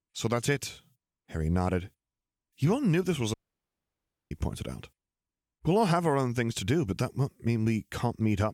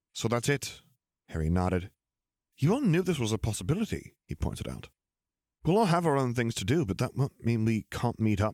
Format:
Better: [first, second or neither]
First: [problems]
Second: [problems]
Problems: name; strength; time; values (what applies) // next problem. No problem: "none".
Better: second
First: audio cutting out; at 3.5 s for 1 s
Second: none